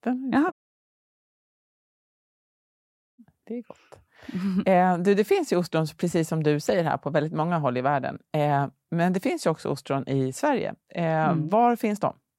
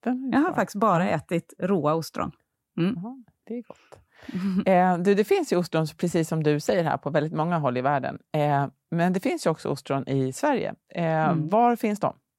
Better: second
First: audio cutting out; at 0.5 s for 2.5 s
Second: none

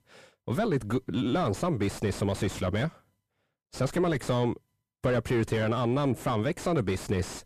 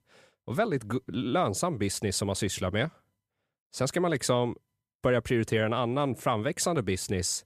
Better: second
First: distortion; heavy; 6 dB below the speech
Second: none

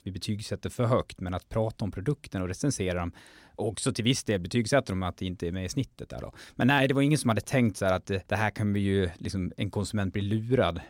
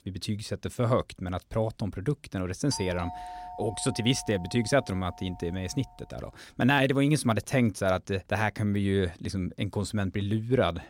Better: first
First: none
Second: doorbell; noticeable; from 2.5 to 6 s; peak 9 dB below the speech

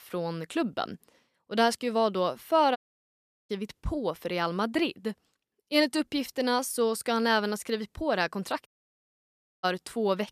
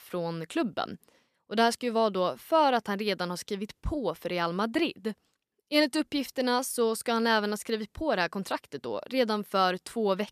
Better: second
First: audio cutting out; at 3 s for 0.5 s and at 8.5 s for 1 s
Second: none

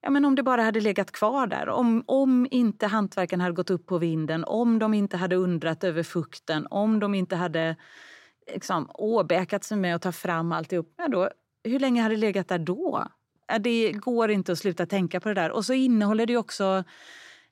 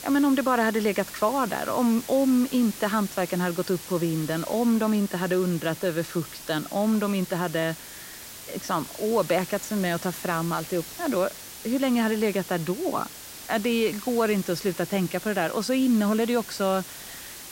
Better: first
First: none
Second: hiss; noticeable; throughout; 10 dB below the speech

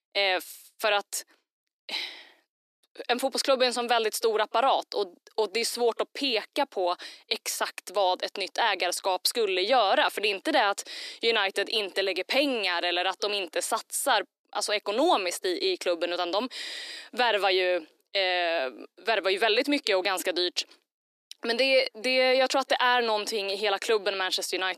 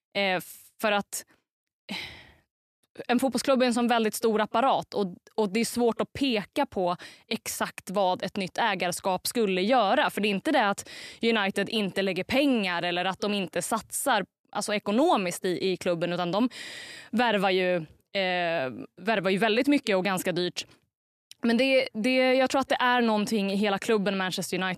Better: second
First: thin; somewhat; fading below 300 Hz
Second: none

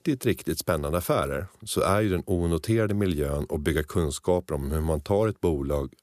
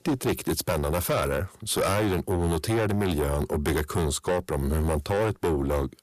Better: first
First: none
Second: distortion; heavy; 7 dB below the speech

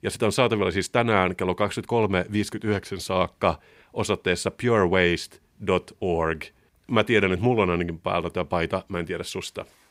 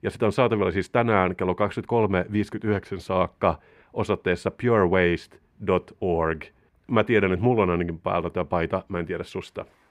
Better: first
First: none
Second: muffled; slightly; fading above 3 kHz

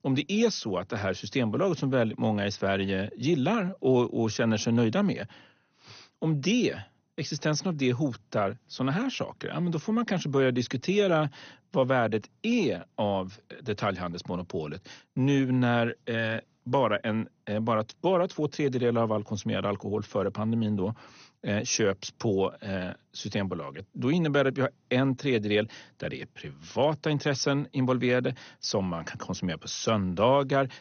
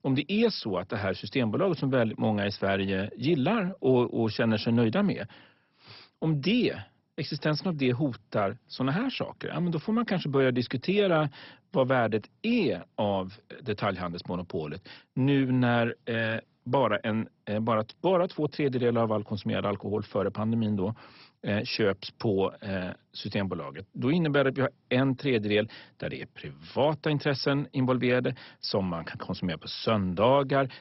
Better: first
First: garbled, watery; slightly; nothing above 6.5 kHz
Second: garbled, watery; badly; nothing above 5.5 kHz

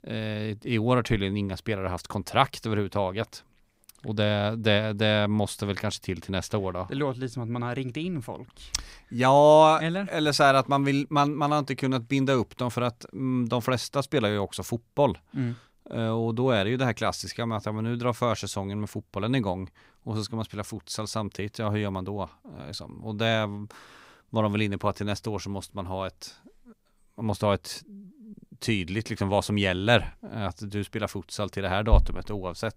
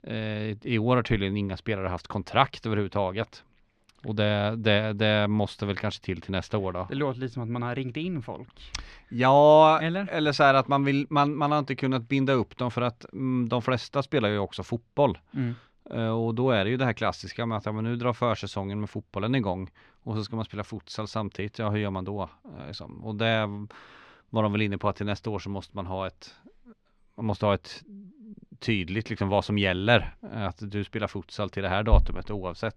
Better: first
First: none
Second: muffled; very slightly; fading above 3.5 kHz

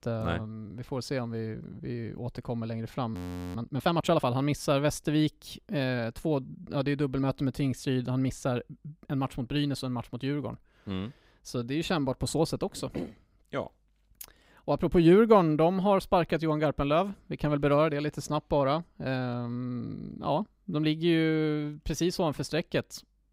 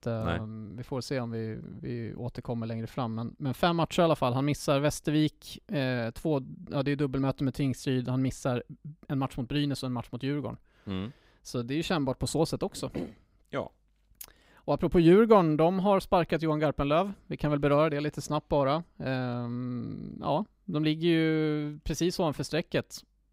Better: second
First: audio freezing; at 3 s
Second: none

